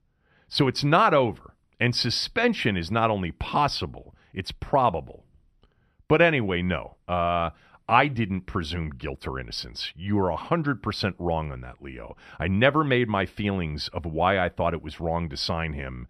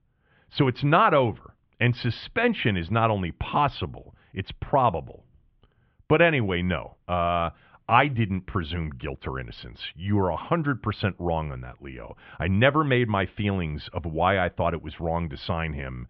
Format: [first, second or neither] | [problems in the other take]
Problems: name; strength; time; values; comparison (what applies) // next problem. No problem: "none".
first | muffled; very; fading above 3.5 kHz